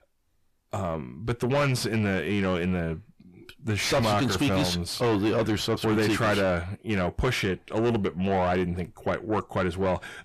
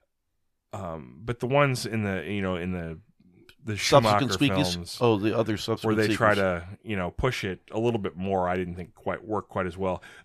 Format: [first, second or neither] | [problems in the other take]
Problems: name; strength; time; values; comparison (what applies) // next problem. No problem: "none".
second | distortion; heavy; 5 dB below the speech